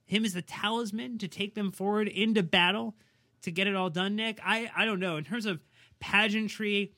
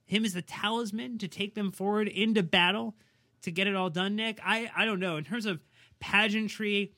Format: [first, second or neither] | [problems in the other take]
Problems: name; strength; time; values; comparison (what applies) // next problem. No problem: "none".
neither | none